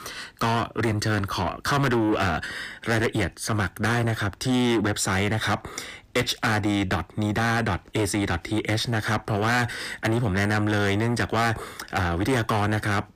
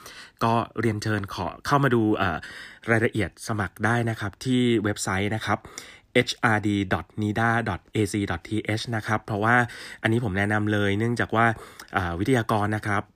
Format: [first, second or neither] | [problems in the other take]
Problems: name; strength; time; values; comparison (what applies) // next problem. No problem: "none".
second | distortion; heavy; 6 dB below the speech